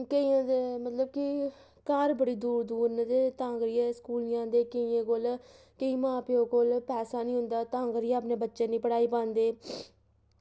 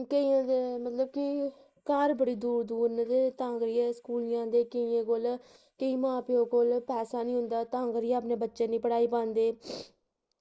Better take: first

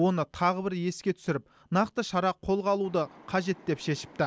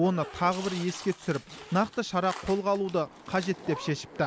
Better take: first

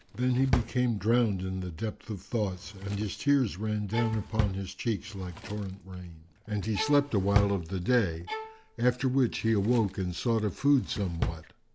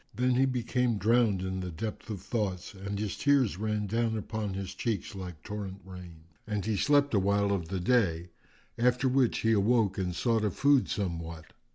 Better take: second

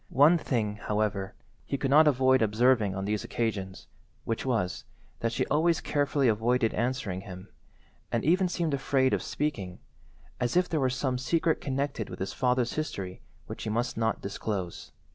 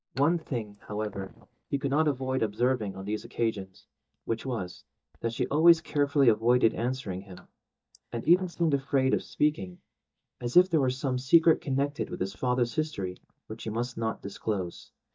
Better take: first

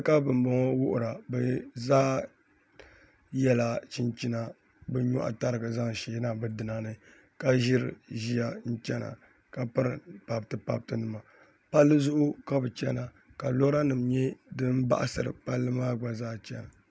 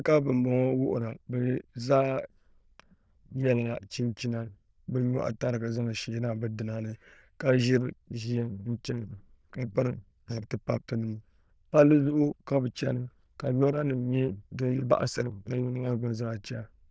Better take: first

